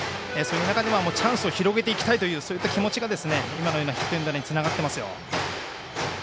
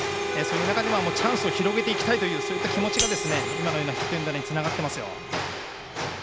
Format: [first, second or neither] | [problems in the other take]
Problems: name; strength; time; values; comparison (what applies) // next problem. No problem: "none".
first | background sound (Shatter + Harmonica); 3 dB below the speech